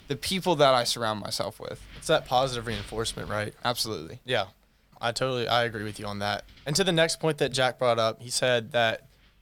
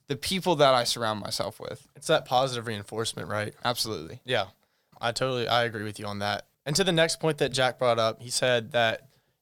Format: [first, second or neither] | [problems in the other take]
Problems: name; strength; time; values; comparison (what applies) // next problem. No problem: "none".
second | wind noise on the microphone; occasional gusts; 25 dB below the speech